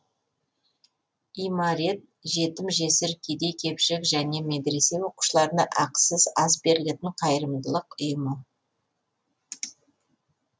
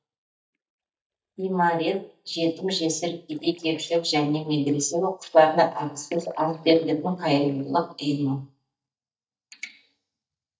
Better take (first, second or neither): first